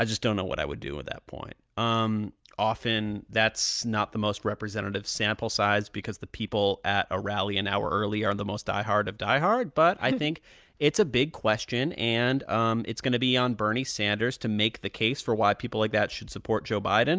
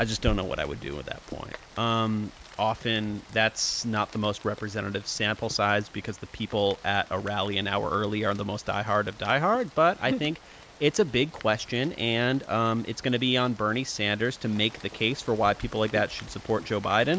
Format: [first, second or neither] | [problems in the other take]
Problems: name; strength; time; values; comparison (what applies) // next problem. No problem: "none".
first | background sound (Rain); 16 dB below the speech